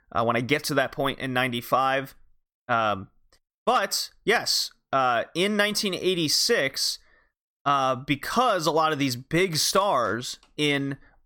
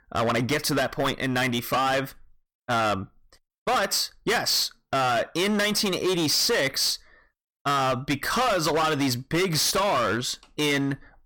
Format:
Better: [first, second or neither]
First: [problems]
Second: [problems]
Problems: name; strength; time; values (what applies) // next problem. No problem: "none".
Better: first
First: none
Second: distortion; heavy; 19% of the sound clipped